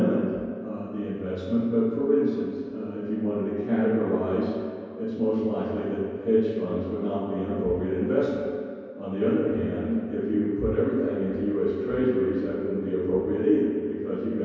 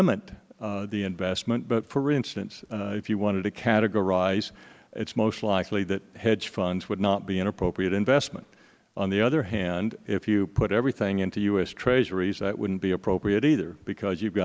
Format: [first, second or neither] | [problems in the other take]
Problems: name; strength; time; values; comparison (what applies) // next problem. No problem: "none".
second | room echo; dies away in 2.2 s